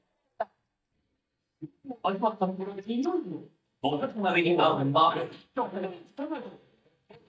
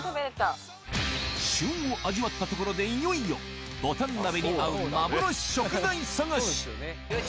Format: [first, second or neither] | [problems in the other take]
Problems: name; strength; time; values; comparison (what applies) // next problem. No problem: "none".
second | noise reduction (neural mask model DeepFilterNet 3)